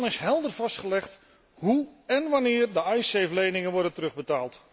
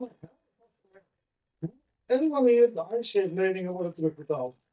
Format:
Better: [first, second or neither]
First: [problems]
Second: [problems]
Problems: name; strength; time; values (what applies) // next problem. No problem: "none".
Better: first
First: none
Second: noise reduction (neural mask model DeepFilterNet 3)